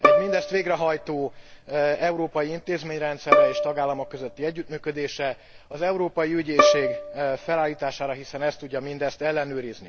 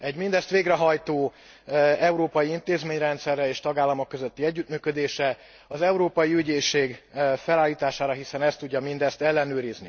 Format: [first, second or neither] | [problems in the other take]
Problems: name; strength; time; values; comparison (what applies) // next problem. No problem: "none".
second | background sound (Bowed string instrument); as loud as the speech